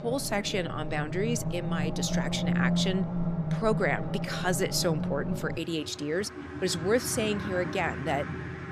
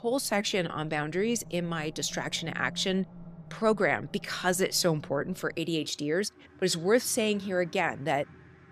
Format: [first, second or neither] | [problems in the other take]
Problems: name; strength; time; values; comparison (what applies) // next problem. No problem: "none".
second | traffic noise; loud; throughout; 3 dB below the speech; faint in the second